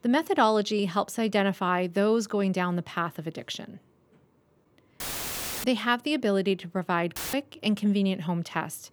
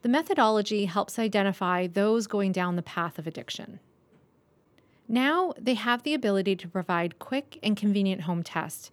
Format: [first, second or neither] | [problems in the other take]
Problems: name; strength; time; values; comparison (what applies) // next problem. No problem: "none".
second | audio cutting out; filled with static; at 5 s for 0.5 s and at 7 s